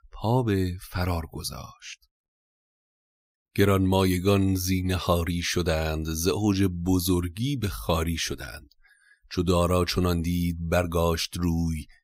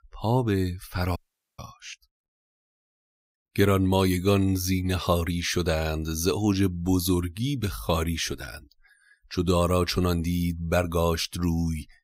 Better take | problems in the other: first | audio cutting out; at 1 s

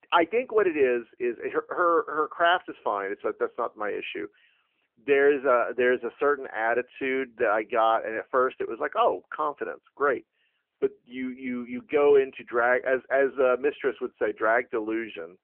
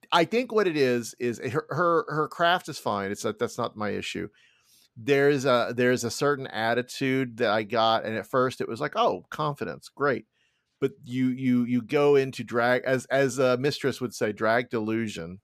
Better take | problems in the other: second | phone-call audio; nothing above 3 kHz

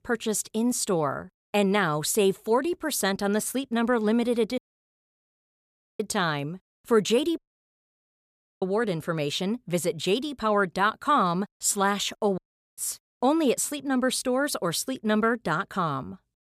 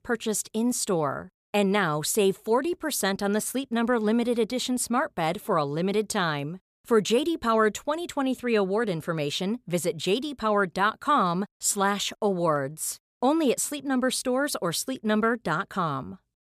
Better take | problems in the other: second | audio cutting out; at 4.5 s for 1.5 s, at 7.5 s for 1 s and at 12 s

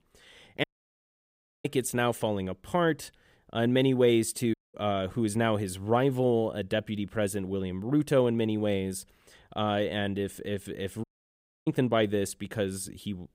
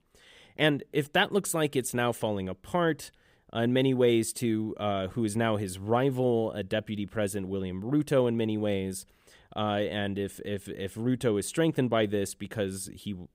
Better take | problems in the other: second | audio cutting out; at 0.5 s for 1 s, at 4.5 s and at 11 s for 0.5 s

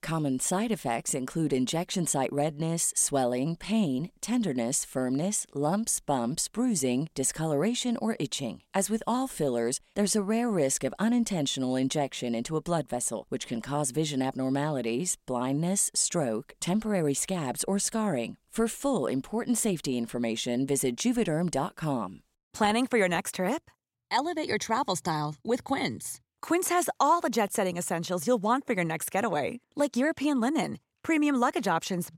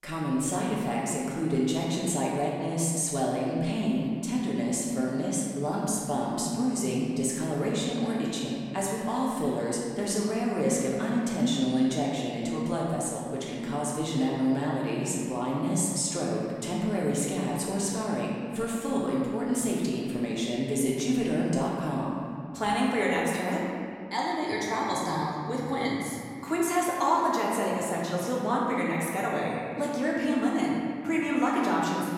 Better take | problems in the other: first | room echo; noticeable; dies away in 2.1 s // off-mic speech; far

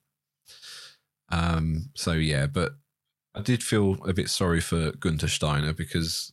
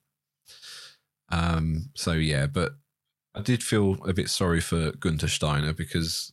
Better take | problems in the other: neither | none

